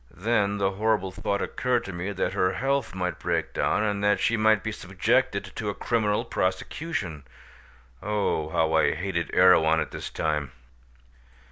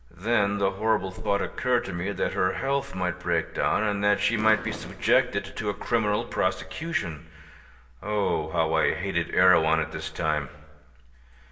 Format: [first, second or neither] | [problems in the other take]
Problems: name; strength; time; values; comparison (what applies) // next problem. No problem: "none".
first | background sound (Fireworks); 14 dB below the speech // room echo; dies away in 0.9 s